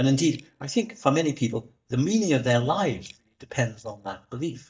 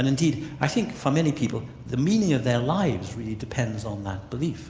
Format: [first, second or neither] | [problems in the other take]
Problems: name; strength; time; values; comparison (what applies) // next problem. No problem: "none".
second | noise reduction (neural mask model DeepFilterNet 3)